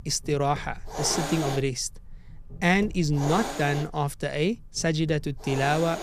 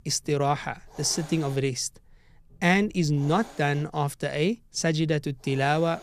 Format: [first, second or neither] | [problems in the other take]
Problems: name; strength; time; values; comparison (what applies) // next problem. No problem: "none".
second | hiss; loud; throughout; 9 dB below the speech; faint in the second